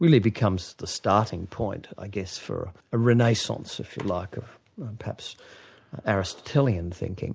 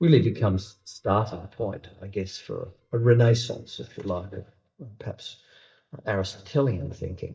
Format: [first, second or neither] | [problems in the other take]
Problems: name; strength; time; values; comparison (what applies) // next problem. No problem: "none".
first | noise reduction (neural mask model DeepFilterNet 3)